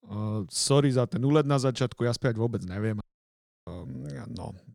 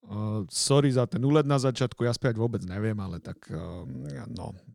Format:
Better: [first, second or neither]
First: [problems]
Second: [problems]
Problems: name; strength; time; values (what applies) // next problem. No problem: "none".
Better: second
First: audio cutting out; at 3 s for 0.5 s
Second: none